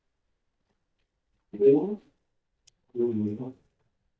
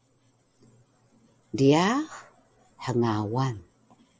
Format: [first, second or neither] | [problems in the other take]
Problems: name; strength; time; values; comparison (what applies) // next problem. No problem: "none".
second | noise reduction (neural mask model DeepFilterNet 3)